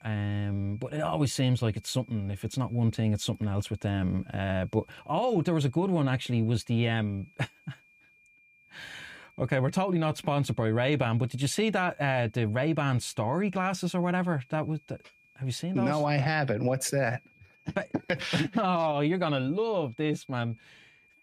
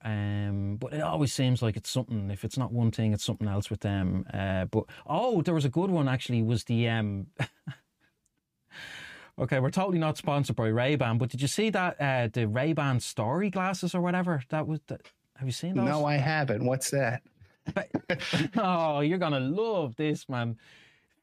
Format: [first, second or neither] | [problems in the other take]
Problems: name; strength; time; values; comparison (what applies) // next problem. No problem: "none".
second | high-pitched whine; faint; throughout; 2.5 kHz, 30 dB below the speech